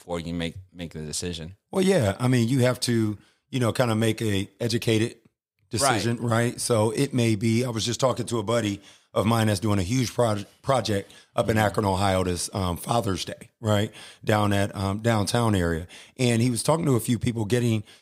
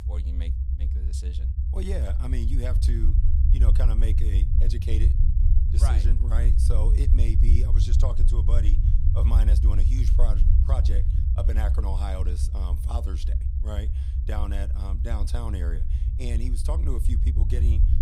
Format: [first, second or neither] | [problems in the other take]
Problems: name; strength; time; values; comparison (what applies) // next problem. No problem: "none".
first | low rumble; loud; throughout; 3 dB below the speech